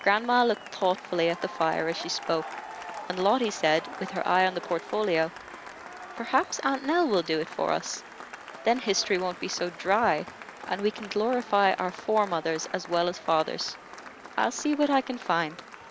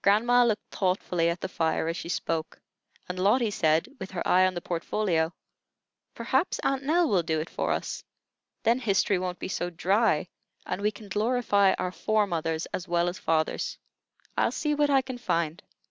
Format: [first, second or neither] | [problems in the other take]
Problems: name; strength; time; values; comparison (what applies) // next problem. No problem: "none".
second | background sound (Applause / Cheering); 14 dB below the speech